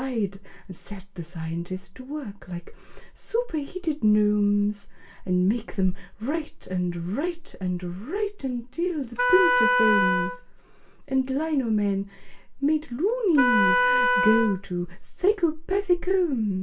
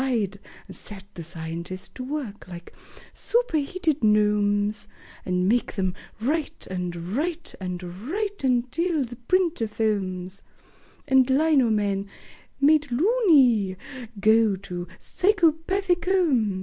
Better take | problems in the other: second | background sound (Wind instrument, woodwind instrument); 1 dB above the speech // room echo; dies away in 0.2 s

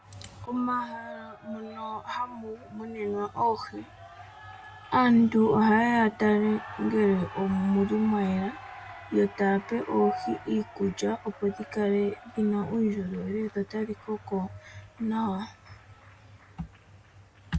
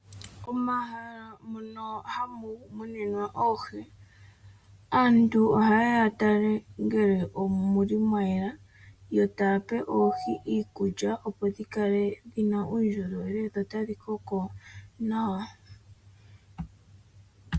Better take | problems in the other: second | background sound (Cheering); 19 dB below the speech

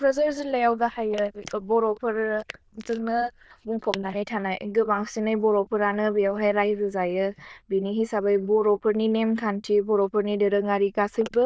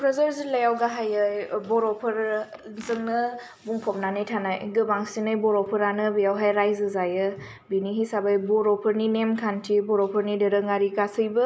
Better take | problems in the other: second | noise reduction (neural diffusion model UNIVERSE++)

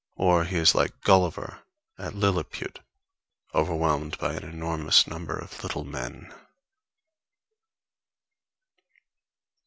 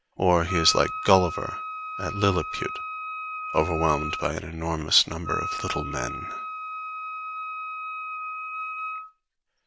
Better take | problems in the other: first | background sound (Wind instrument, woodwind instrument); 6 dB below the speech

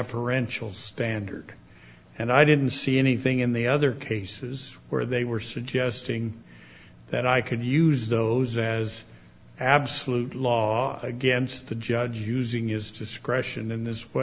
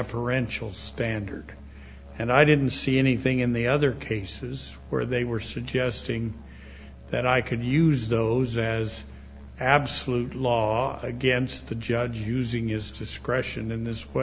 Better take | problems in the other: first | background sound (Musical instrument); 18 dB below the speech

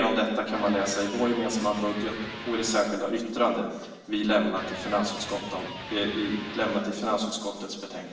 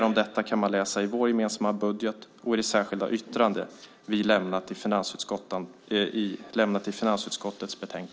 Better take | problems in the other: second | background sound (Electric guitar); 13 dB below the speech // room echo; dies away in 1.1 s

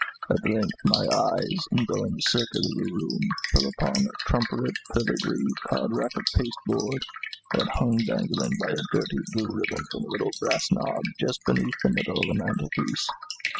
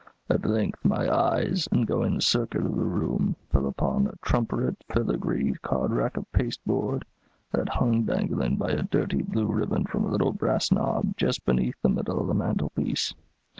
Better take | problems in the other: second | noise reduction (classical method spectral subtraction)

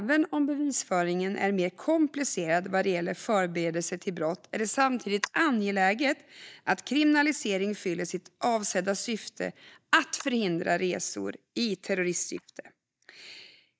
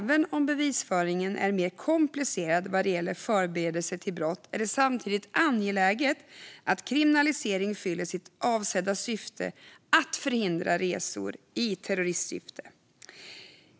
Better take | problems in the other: second | noise reduction (neural mask model DeepFilterNet 3)

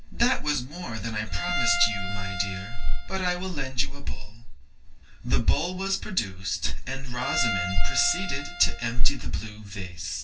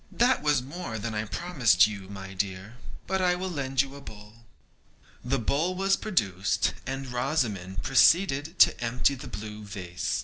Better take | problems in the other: second | background sound (Bowed string instrument); 13 dB below the speech // room echo; dies away in 0.1 s

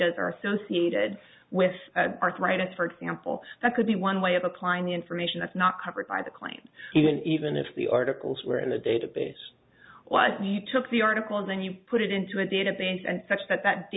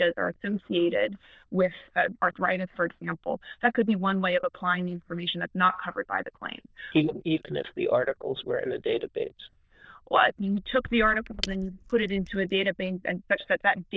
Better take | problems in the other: first | noise reduction (neural diffusion model UNIVERSE++)

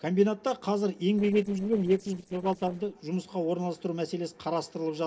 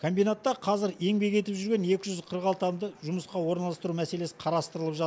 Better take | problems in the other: second | noise reduction (neural separator model SepFormer DNS4)

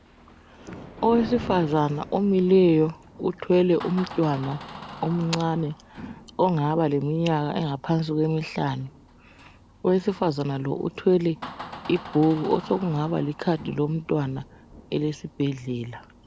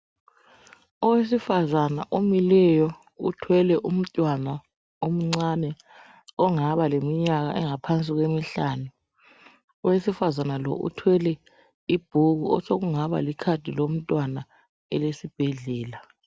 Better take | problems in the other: second | background sound (Thunder + Door); 17 dB below the speech

